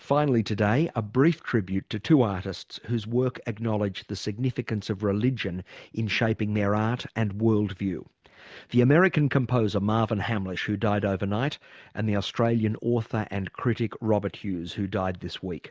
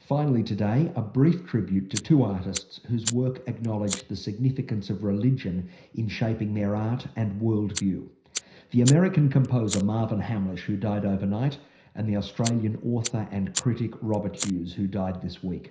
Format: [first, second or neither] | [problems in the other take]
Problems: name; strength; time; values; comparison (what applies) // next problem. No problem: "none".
first | background sound (Fire); 12 dB below the speech // room echo; dies away in 0.5 s